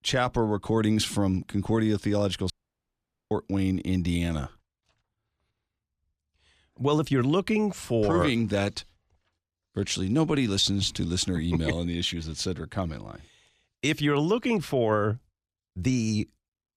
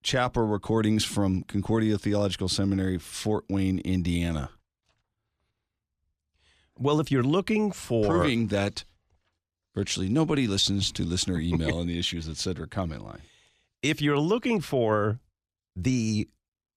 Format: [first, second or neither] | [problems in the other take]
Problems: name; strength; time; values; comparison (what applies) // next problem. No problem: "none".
second | audio cutting out; at 2.5 s for 1 s